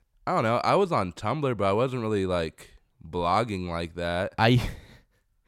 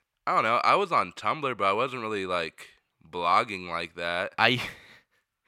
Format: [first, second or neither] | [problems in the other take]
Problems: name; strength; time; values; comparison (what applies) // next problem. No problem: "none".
first | thin; somewhat; fading below 400 Hz